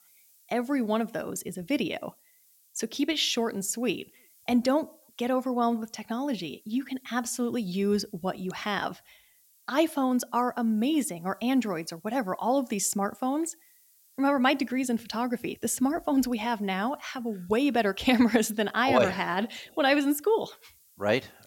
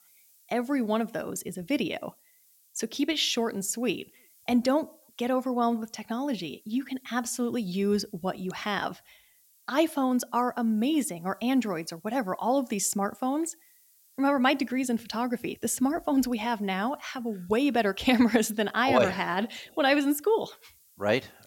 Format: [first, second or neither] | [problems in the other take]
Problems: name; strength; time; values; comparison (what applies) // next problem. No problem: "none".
neither | hiss; faint; throughout; 30 dB below the speech; the same in both